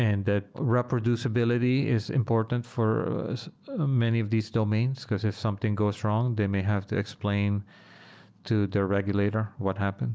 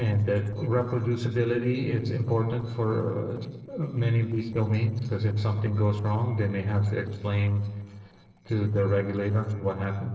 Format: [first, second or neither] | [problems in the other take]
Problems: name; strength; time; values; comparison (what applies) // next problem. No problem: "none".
first | noise reduction (neural separator model SepFormer DNS4)